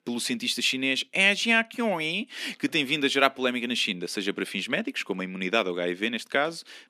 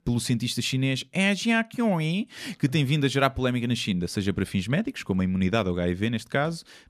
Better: second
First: thin; somewhat; fading below 250 Hz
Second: none

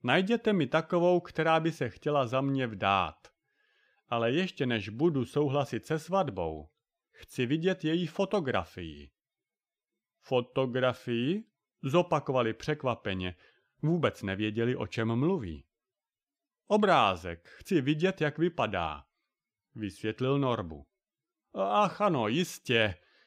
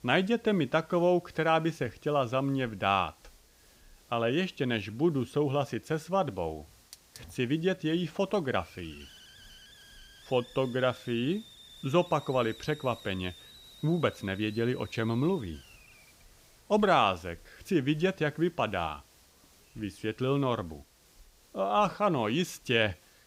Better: first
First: none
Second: hiss; faint; throughout; 25 dB below the speech

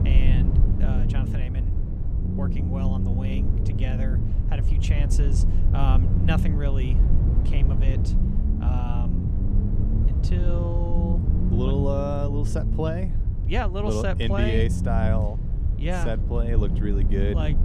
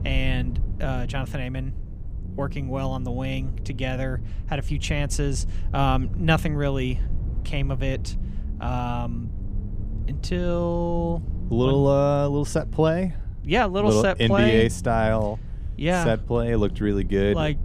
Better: second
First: low rumble; loud; throughout; 5 dB below the speech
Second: low rumble; faint; throughout; 20 dB below the speech

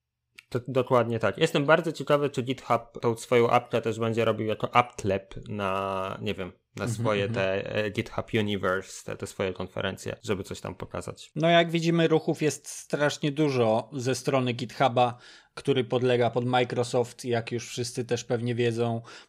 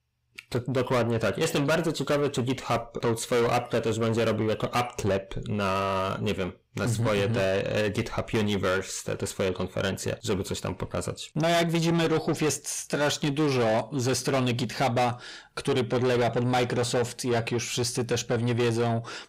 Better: first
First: none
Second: distortion; heavy; 6 dB below the speech

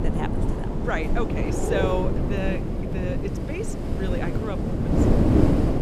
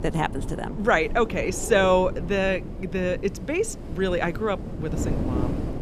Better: second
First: wind noise on the microphone; heavy; 2 dB above the speech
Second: wind noise on the microphone; occasional gusts; 15 dB below the speech

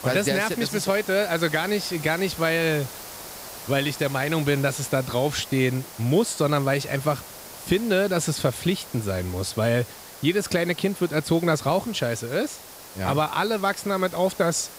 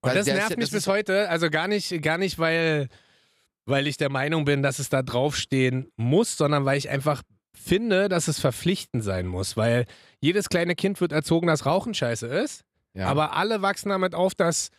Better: second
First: hiss; noticeable; throughout; 15 dB below the speech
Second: none

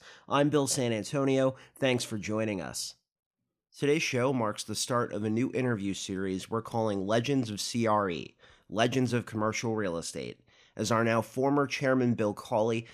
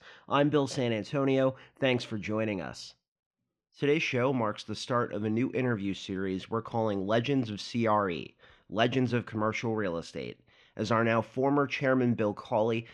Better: first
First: none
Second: muffled; slightly; fading above 3 kHz

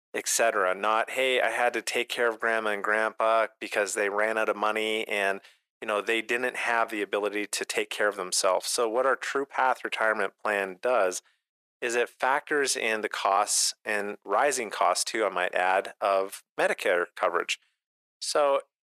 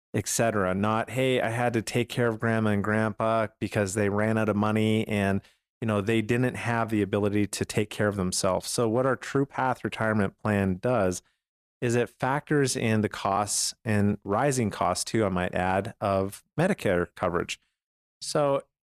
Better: second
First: thin; very; fading below 450 Hz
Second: none

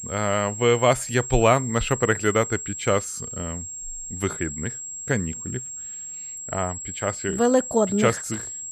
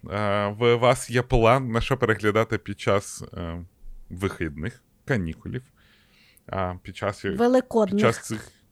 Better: second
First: high-pitched whine; loud; throughout; 7.5 kHz, 8 dB below the speech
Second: none

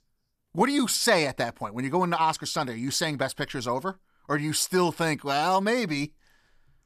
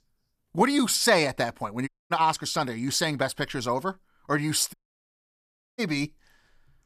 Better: first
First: none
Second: audio cutting out; at 2 s and at 4.5 s for 1 s

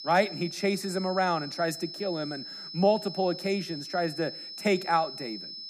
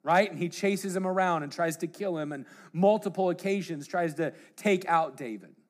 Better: second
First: high-pitched whine; loud; throughout; 5 kHz, 9 dB below the speech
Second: none

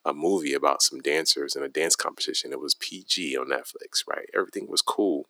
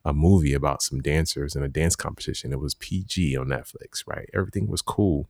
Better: second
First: thin; very; fading below 300 Hz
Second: none

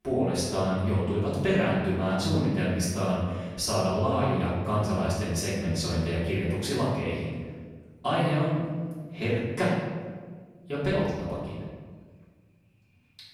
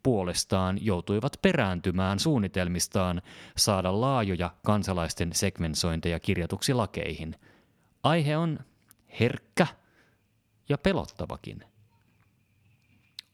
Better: second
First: off-mic speech; far // room echo; noticeable; dies away in 1.4 s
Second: none

